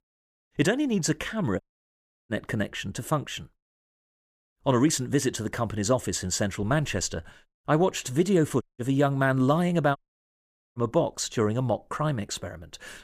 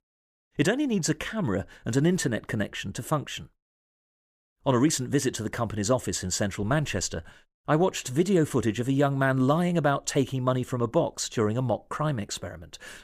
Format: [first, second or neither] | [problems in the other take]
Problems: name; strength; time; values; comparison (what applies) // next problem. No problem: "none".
second | audio cutting out; at 1.5 s for 0.5 s, at 8.5 s and at 10 s for 1 s